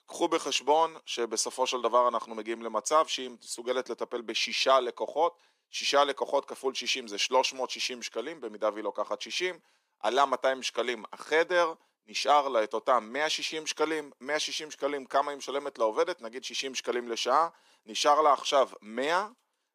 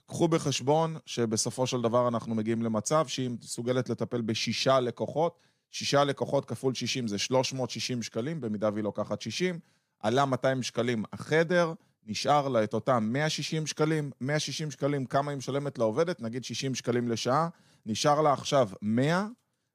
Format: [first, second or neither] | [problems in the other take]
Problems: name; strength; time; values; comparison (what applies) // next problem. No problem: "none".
second | thin; very; fading below 350 Hz